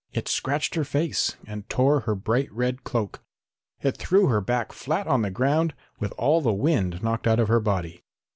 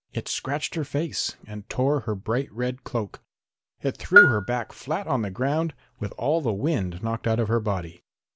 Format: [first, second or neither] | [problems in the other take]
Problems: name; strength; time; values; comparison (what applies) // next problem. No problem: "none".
first | background sound (Bell); 2 dB above the speech